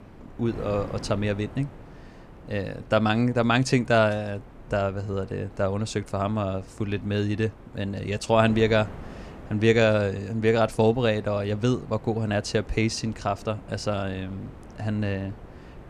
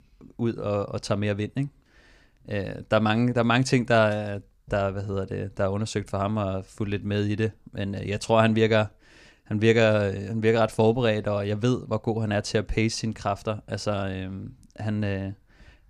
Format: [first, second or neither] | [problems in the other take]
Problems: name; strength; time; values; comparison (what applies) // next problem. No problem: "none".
second | wind noise on the microphone; occasional gusts; 20 dB below the speech